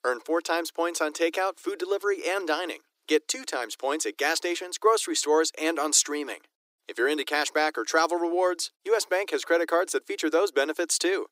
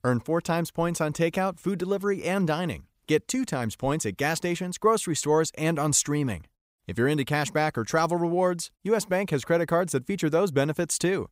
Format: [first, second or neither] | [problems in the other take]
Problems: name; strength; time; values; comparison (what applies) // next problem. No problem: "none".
second | thin; very; fading below 300 Hz